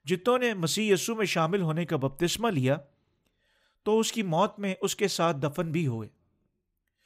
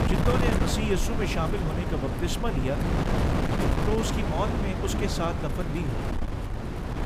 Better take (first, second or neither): first